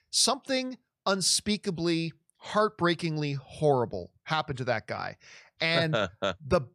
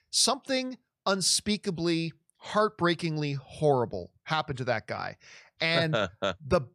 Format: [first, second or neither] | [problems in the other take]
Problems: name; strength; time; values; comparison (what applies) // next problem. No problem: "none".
neither | none